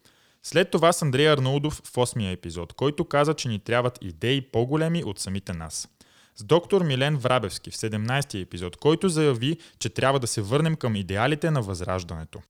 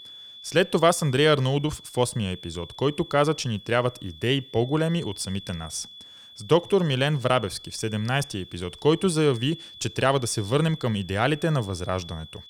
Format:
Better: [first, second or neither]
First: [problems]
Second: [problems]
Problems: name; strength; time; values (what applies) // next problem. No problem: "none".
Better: first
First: none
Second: high-pitched whine; noticeable; throughout; 3.5 kHz, 20 dB below the speech